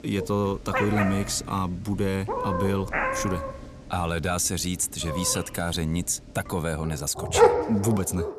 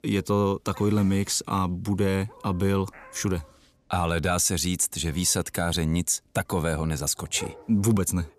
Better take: second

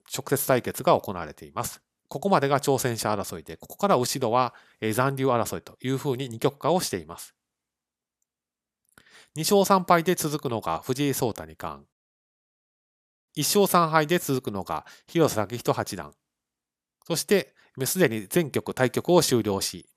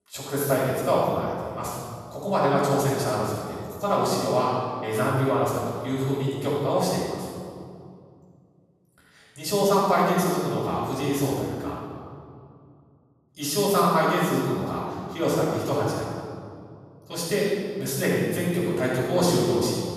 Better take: first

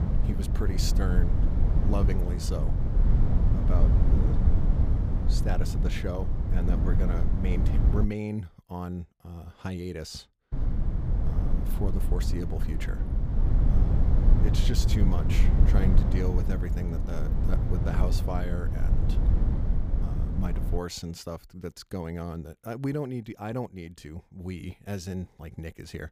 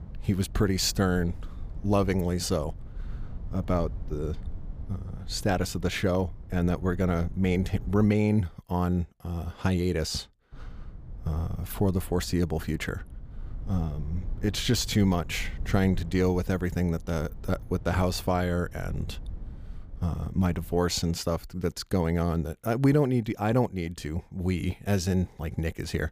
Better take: second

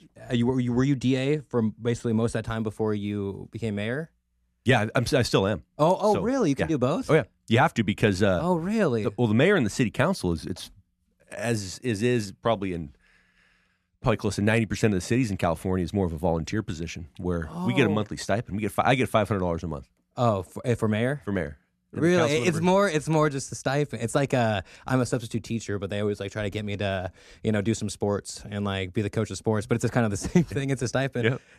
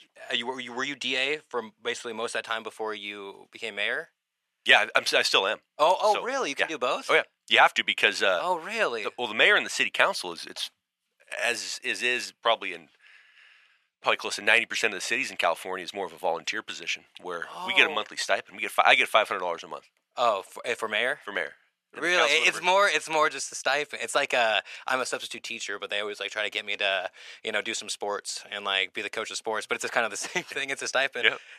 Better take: first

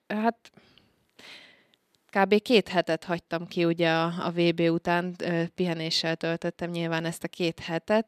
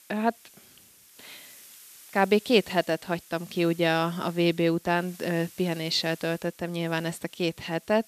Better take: first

